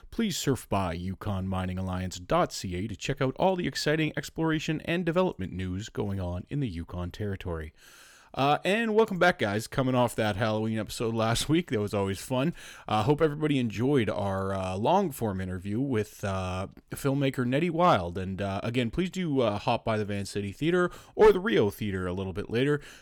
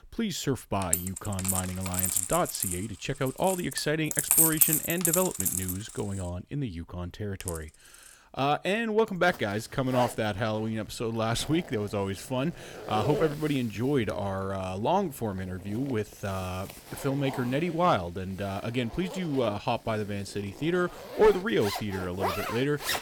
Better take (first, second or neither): first